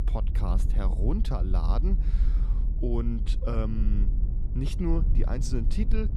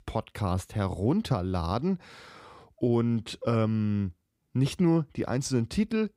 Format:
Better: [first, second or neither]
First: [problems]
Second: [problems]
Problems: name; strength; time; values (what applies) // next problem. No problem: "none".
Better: second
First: low rumble; loud; throughout; 10 dB below the speech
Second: none